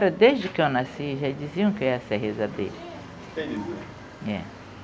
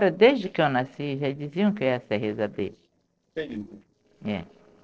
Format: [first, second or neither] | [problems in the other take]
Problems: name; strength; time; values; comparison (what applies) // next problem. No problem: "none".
first | noise reduction (neural separator model SepFormer DNS4)